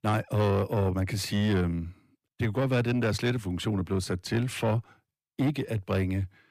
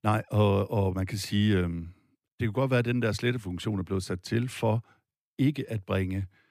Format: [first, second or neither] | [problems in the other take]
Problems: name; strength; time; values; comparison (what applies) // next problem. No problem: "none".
second | distortion; slight; 10 dB below the speech